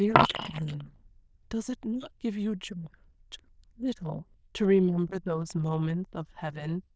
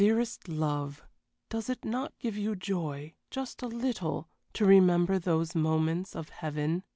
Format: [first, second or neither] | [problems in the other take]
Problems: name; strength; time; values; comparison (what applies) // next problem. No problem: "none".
second | noise reduction (neural diffusion model UNIVERSE++)